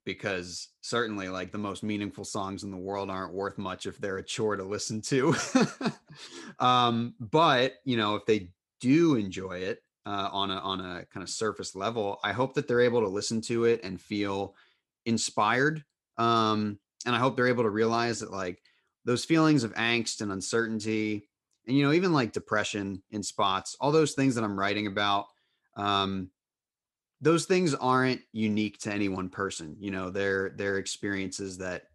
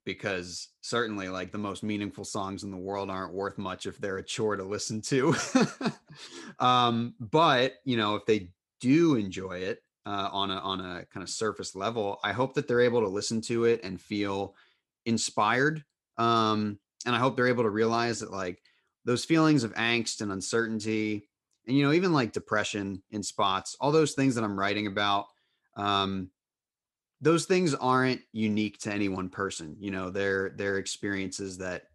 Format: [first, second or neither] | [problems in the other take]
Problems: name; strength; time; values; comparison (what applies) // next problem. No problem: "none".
neither | none